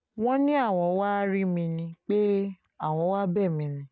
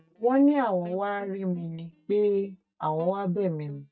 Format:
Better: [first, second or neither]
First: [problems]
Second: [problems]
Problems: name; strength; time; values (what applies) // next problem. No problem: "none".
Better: first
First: none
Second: noise reduction (neural mask model DeepFilterNet 3)